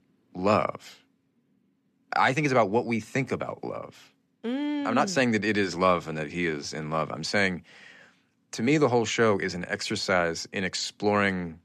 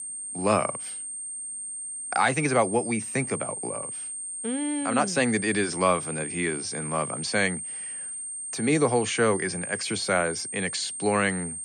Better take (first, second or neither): first